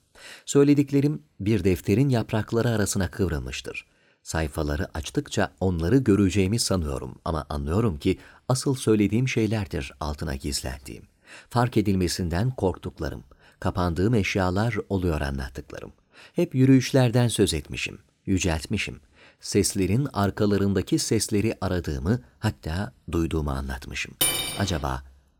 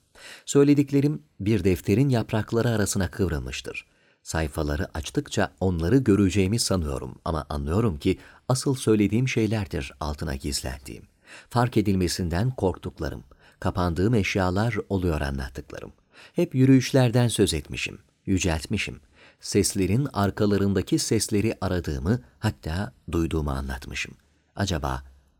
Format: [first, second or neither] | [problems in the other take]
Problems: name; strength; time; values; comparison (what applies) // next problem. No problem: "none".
second | clattering dishes; loud; at 24 s; peak 3 dB above the speech